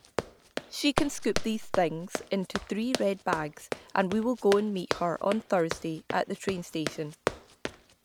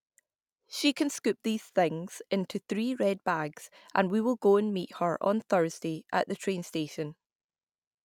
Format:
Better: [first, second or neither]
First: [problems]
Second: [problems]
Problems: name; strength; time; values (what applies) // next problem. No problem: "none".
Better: second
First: background sound (Run); 6 dB below the speech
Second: none